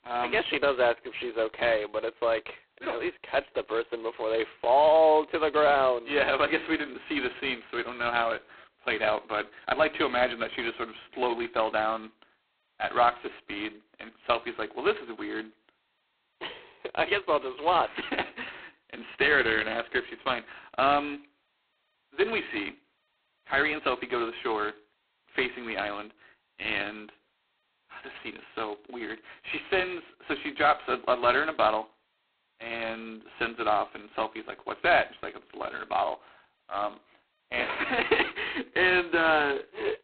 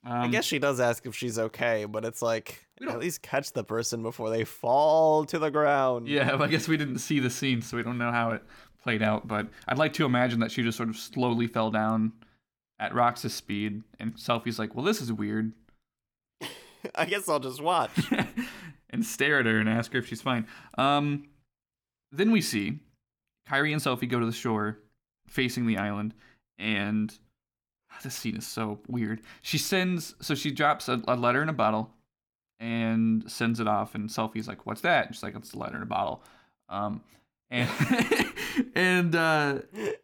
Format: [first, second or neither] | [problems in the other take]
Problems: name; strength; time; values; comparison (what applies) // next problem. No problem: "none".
second | phone-call audio; poor line; nothing above 4 kHz